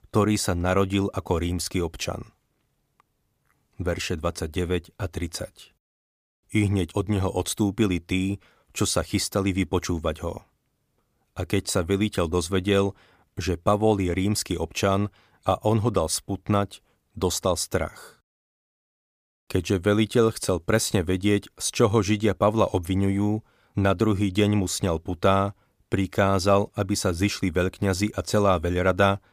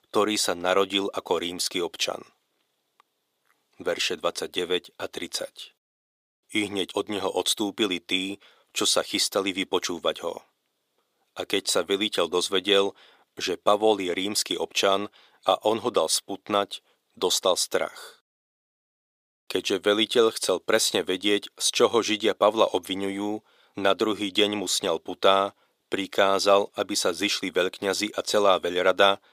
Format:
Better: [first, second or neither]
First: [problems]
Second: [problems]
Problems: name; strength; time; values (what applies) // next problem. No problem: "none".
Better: first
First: none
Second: thin; somewhat; fading below 450 Hz